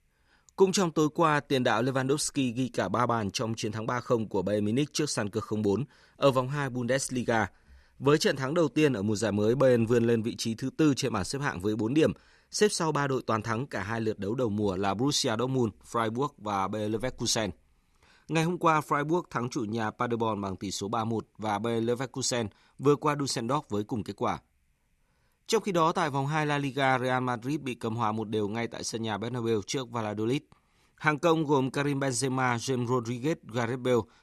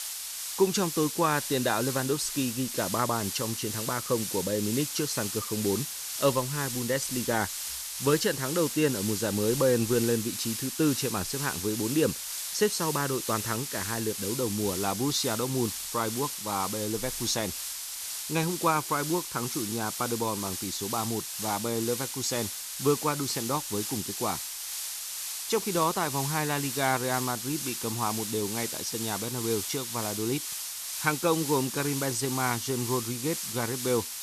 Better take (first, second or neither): first